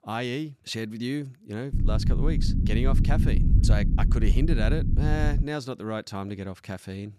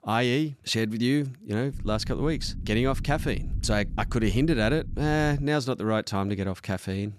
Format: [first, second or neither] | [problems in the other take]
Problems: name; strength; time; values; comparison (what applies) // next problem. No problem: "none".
second | low rumble; loud; from 1.5 to 5.5 s; 5 dB below the speech; faint in the second